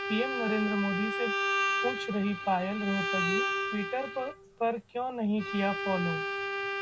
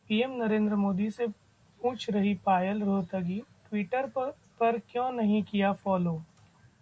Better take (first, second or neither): second